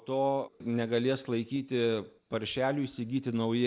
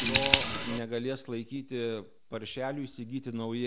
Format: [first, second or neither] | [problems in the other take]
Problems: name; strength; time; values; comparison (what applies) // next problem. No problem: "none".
first | background sound (Scissors); as loud as the speech